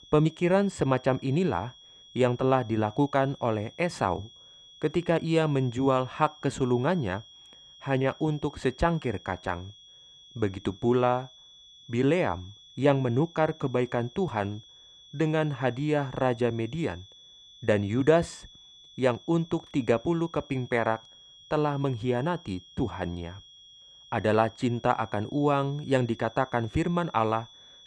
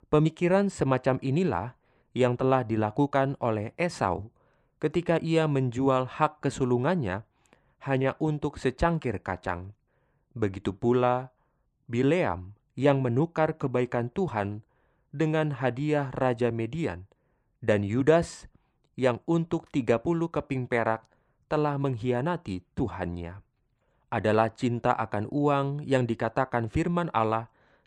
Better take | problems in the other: second | high-pitched whine; faint; throughout; 3.5 kHz, 20 dB below the speech

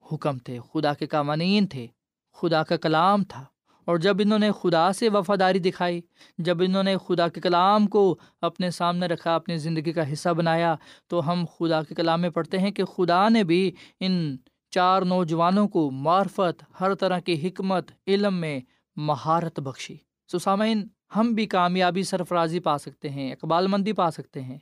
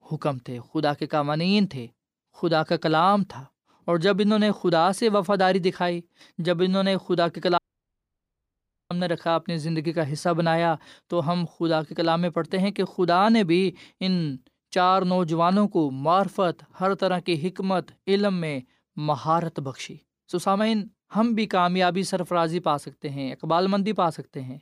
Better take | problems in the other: first | audio cutting out; at 7.5 s for 1.5 s

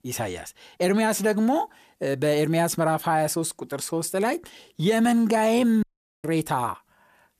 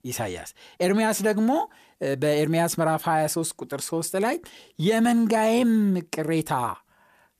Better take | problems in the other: second | audio cutting out; at 6 s

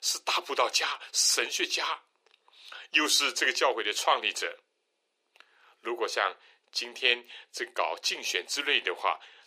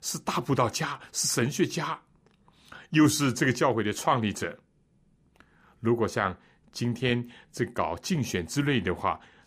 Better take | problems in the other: second | thin; very; fading below 400 Hz

